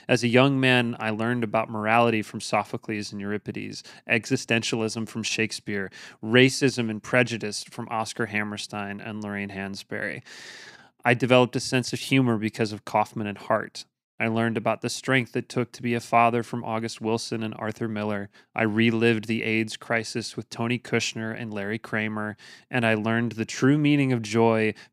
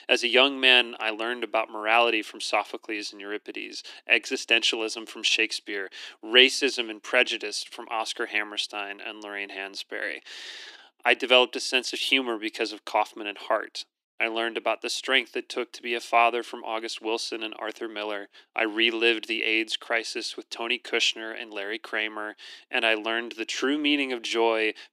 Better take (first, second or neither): first